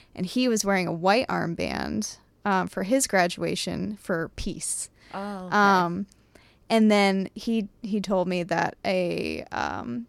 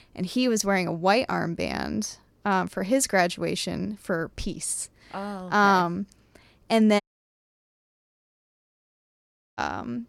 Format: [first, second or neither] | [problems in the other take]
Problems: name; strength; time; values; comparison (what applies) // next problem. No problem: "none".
first | audio cutting out; at 7 s for 2.5 s